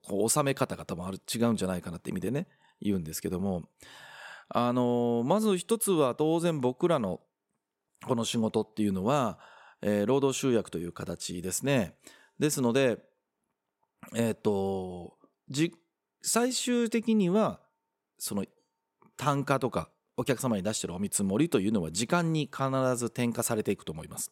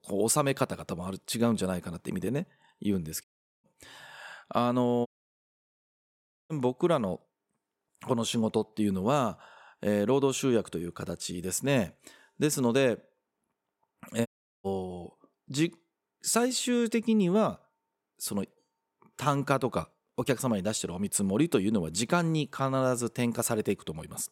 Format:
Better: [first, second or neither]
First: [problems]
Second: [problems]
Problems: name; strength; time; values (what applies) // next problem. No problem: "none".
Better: first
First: none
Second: audio cutting out; at 3 s, at 5 s for 1.5 s and at 14 s